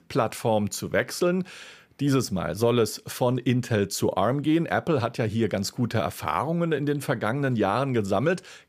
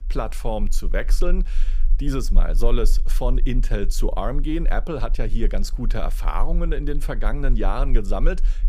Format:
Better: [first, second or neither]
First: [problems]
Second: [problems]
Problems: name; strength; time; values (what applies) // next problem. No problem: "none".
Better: first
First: none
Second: low rumble; faint; throughout; 25 dB below the speech